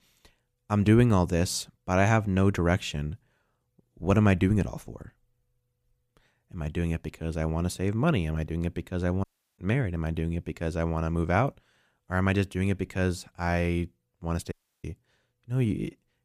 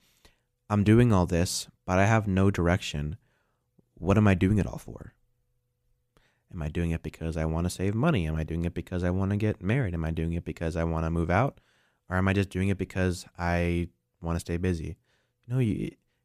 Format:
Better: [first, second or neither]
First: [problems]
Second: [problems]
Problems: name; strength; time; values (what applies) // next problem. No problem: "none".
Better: second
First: audio cutting out; at 9 s and at 15 s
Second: none